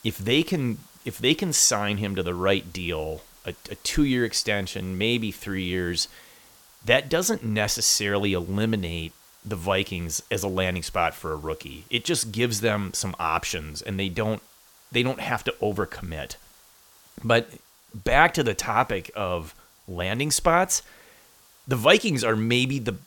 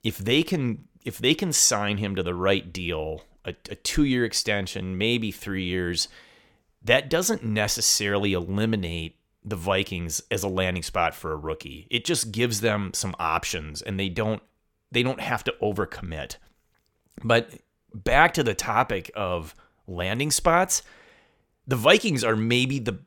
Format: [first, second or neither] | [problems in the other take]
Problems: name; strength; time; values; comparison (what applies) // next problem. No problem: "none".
second | hiss; faint; throughout; 25 dB below the speech